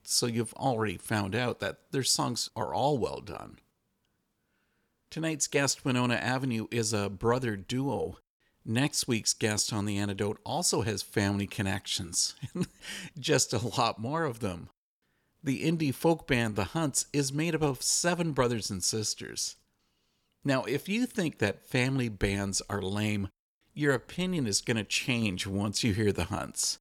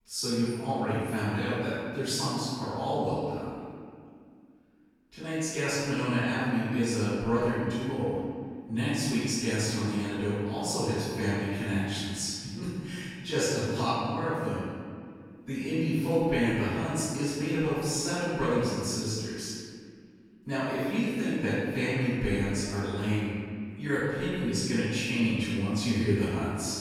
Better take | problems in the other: first | off-mic speech; far // room echo; strong; dies away in 2.1 s

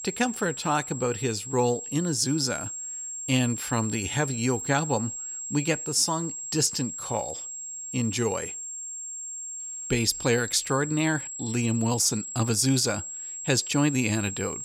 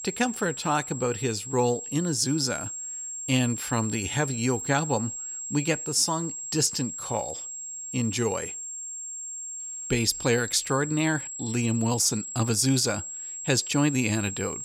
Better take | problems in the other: neither | high-pitched whine; loud; throughout; 7.5 kHz, 7 dB below the speech; the same in both

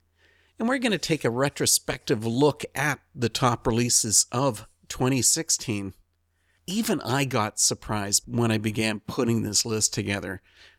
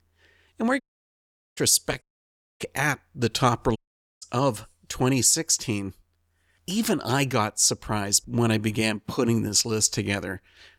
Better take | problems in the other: first | audio cutting out; at 1 s for 1 s, at 2 s for 0.5 s and at 4 s

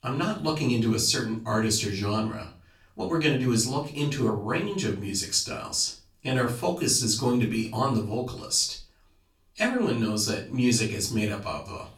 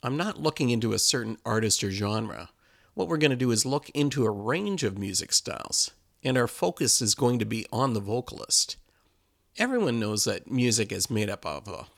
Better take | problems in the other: second | off-mic speech; far // room echo; slight; dies away in 0.3 s

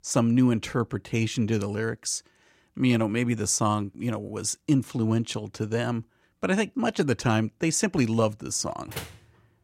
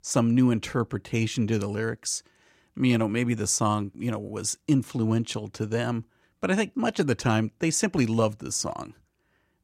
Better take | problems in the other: second | door banging; faint; at 9 s; peak 10 dB below the speech

